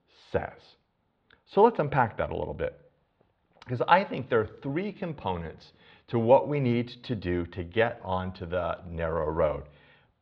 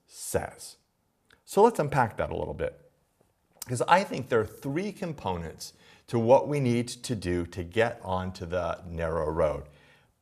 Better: second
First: muffled; slightly; fading above 4 kHz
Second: none

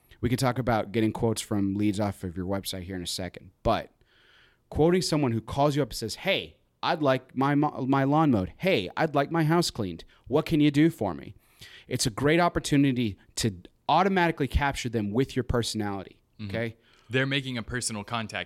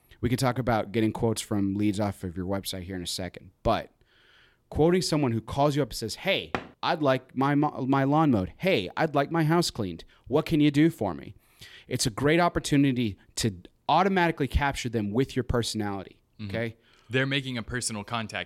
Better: first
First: none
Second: door banging; noticeable; at 6.5 s; peak 9 dB below the speech

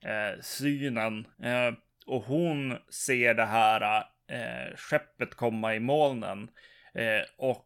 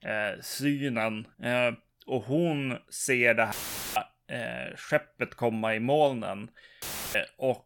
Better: first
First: none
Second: audio cutting out; filled with static; at 3.5 s and at 7 s

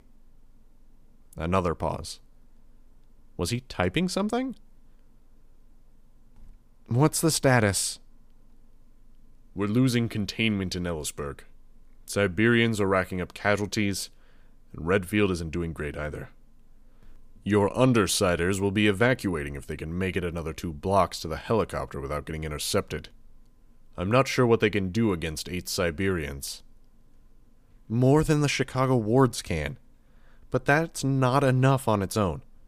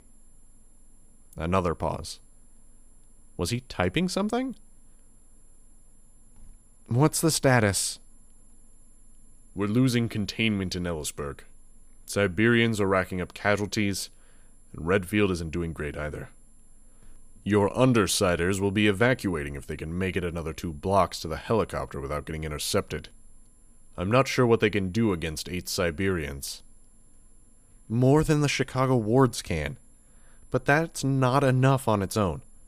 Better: first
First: none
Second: high-pitched whine; faint; throughout; 11 kHz, 35 dB below the speech

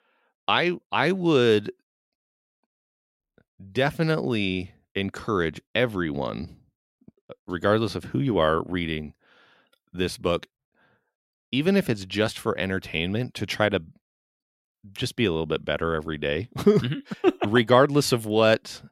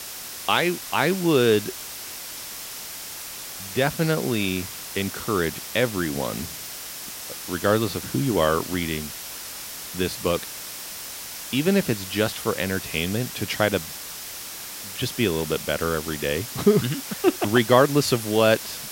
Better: first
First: none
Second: hiss; loud; throughout; 9 dB below the speech

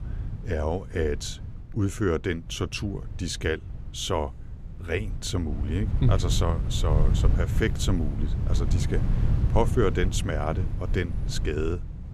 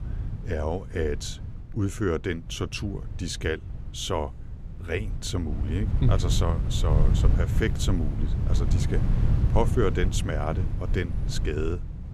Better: first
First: wind noise on the microphone; occasional gusts; 10 dB below the speech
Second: wind noise on the microphone; heavy; 9 dB below the speech

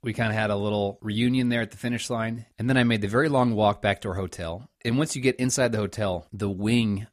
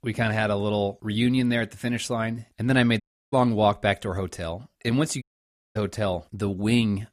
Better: first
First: none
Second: audio cutting out; at 3 s and at 5 s for 0.5 s

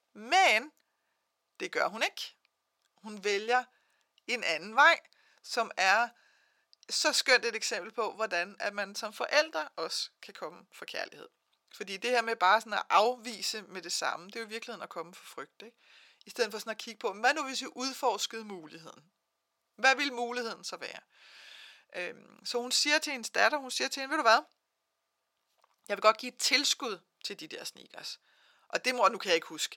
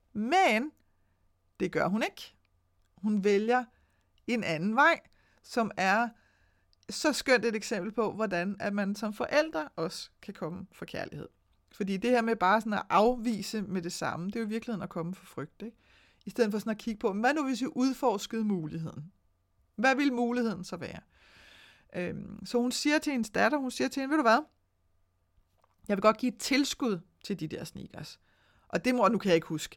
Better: second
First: thin; somewhat; fading below 600 Hz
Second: none

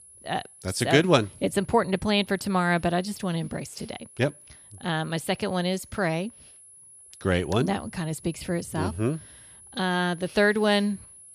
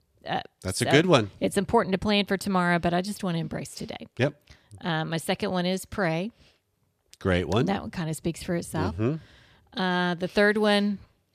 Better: second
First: high-pitched whine; faint; throughout; 10.5 kHz, 20 dB below the speech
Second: none

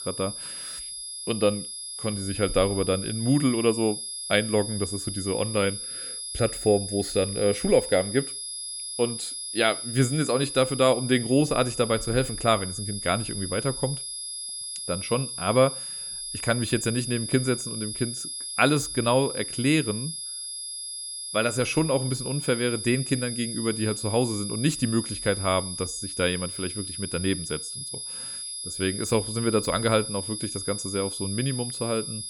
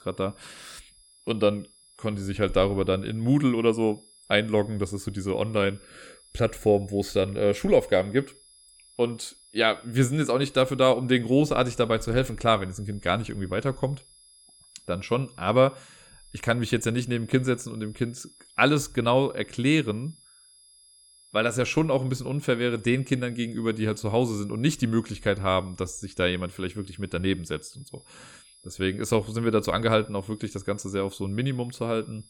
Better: second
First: high-pitched whine; loud; throughout; 10.5 kHz, 6 dB below the speech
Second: high-pitched whine; faint; throughout; 10.5 kHz, 25 dB below the speech

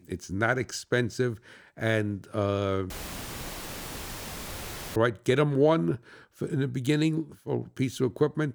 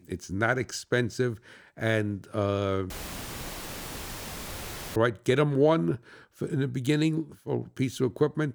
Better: neither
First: audio cutting out; filled with static; at 3 s for 2 s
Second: audio cutting out; filled with static; at 3 s for 2 s

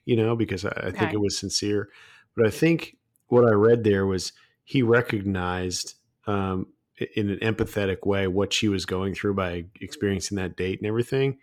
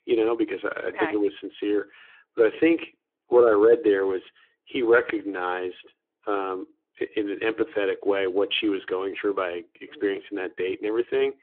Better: first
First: none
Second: phone-call audio; nothing above 3.5 kHz

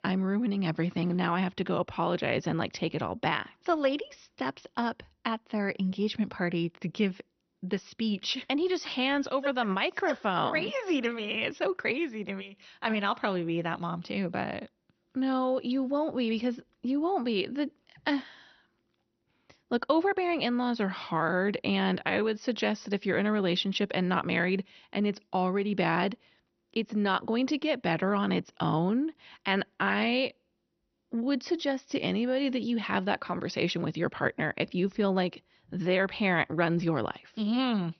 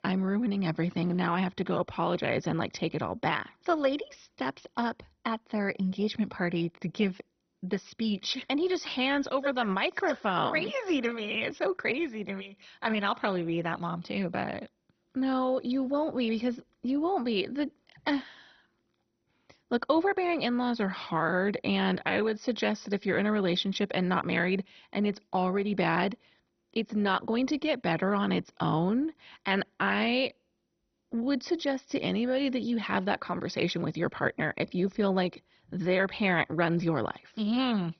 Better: first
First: garbled, watery; slightly; nothing above 6 kHz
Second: garbled, watery; badly; nothing above 6 kHz

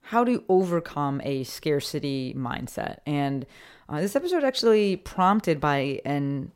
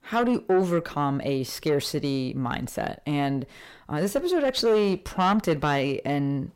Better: first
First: none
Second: distortion; slight; 10 dB below the speech

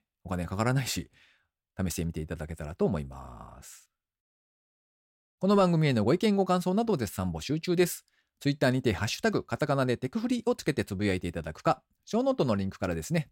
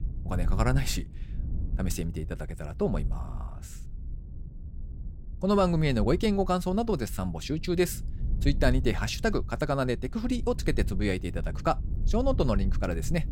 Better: first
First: none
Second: wind noise on the microphone; occasional gusts; 20 dB below the speech

